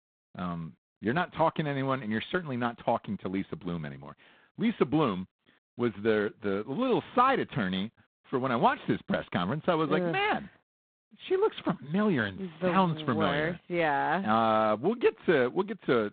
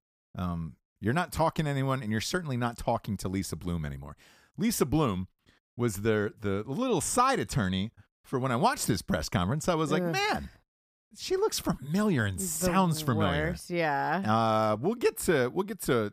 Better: second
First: phone-call audio; poor line; nothing above 4 kHz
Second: none

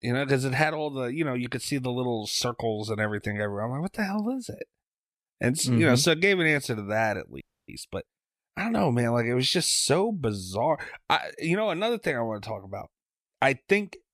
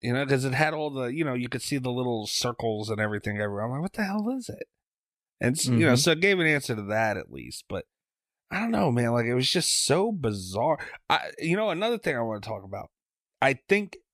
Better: second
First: audio freezing; at 7.5 s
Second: none

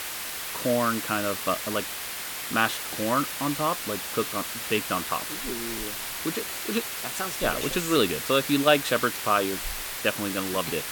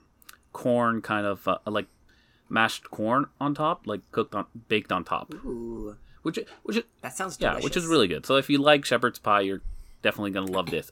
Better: second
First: hiss; loud; throughout; 4 dB below the speech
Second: none

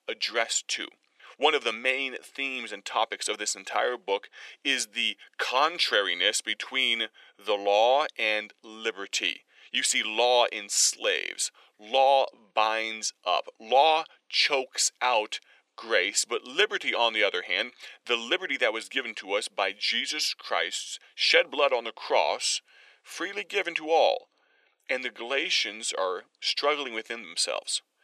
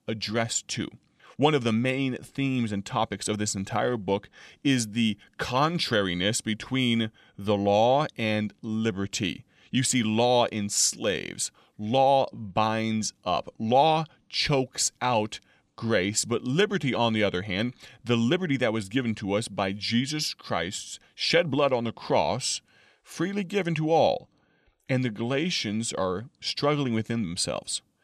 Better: second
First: thin; very; fading below 400 Hz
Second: none

